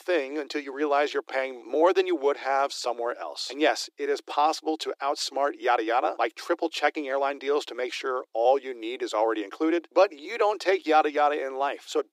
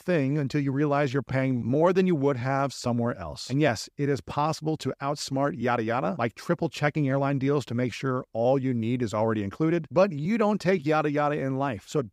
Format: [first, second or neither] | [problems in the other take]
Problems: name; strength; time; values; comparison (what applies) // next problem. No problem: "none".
second | thin; very; fading below 300 Hz